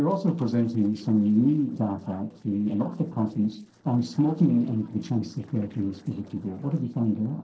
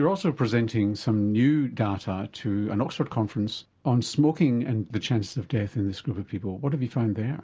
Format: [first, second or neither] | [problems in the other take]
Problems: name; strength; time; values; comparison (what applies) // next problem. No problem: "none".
second | noise reduction (neural separator model SepFormer DNS4)